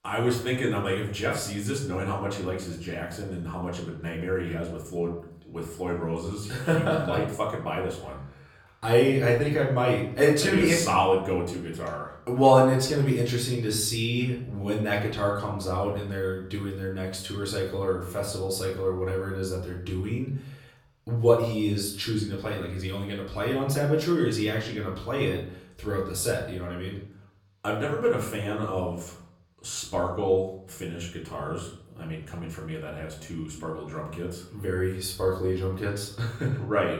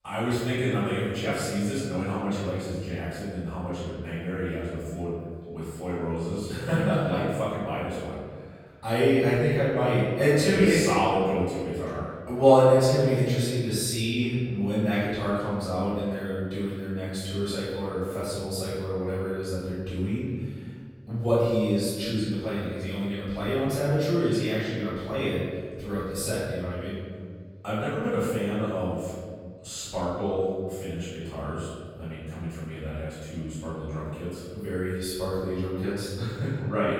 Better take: first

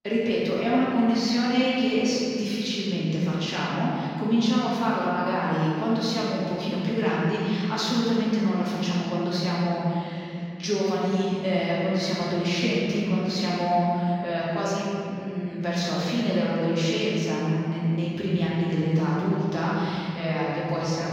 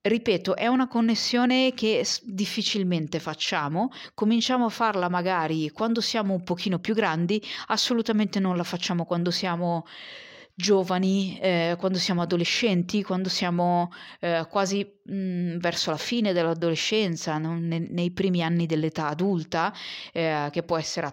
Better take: second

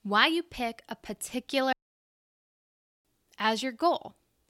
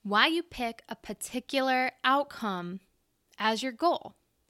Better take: second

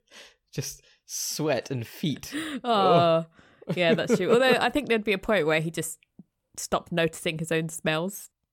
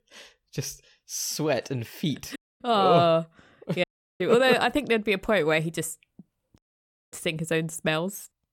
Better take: first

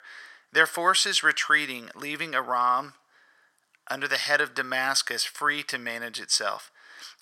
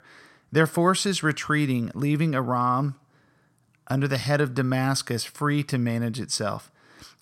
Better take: second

